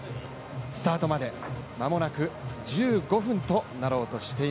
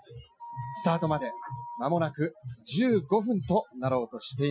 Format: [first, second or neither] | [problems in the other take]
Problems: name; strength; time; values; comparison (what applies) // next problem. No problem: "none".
first | noise reduction (classical method Wiener filter)